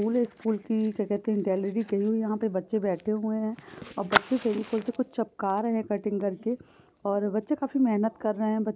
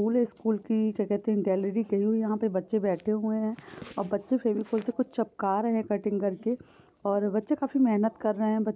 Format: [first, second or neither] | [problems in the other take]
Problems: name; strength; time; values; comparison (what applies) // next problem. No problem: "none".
second | background sound (Fire); 12 dB below the speech